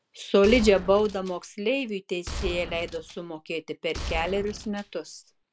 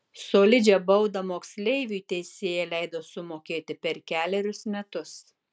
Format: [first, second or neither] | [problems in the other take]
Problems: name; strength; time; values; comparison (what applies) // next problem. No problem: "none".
second | background sound (Gunshot, gunfire); 11 dB below the speech